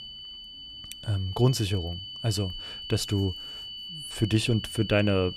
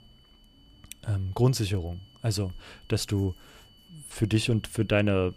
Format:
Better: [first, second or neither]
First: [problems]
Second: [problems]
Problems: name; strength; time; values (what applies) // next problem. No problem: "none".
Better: second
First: high-pitched whine; loud; throughout; 3 kHz, 10 dB below the speech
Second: high-pitched whine; faint; throughout; 3 kHz, 30 dB below the speech